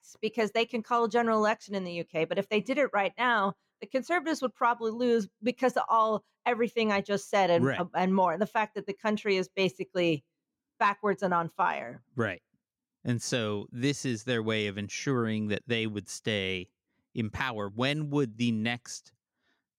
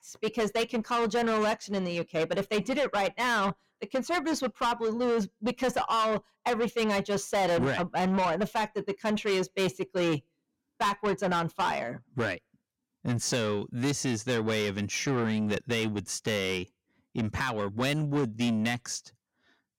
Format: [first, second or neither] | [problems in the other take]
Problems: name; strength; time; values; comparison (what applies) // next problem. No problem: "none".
first | distortion; heavy; 8 dB below the speech